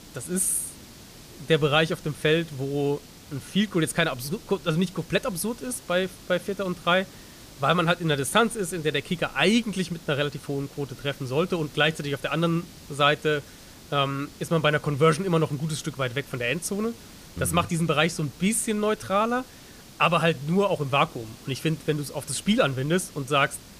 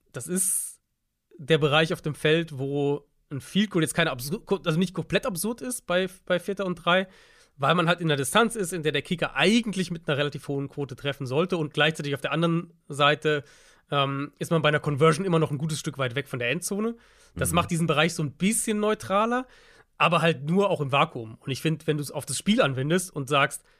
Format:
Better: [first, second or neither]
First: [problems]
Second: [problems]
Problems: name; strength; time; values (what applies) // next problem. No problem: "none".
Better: second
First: hiss; faint; throughout; 20 dB below the speech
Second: none